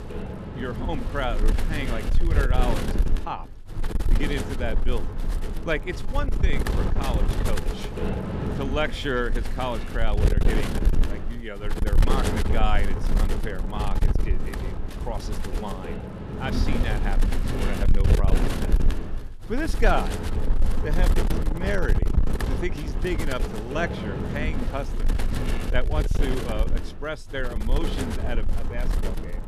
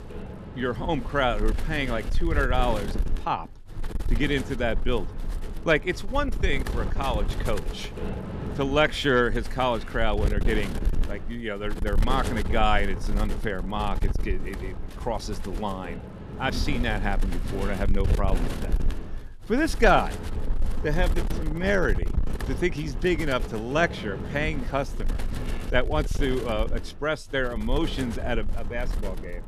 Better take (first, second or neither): second